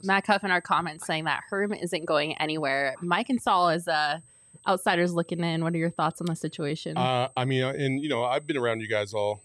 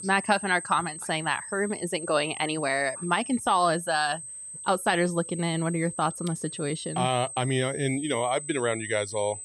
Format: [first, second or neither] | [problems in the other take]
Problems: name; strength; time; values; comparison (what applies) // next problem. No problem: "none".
first | high-pitched whine; loud; throughout; 8.5 kHz, 10 dB below the speech; faint in the first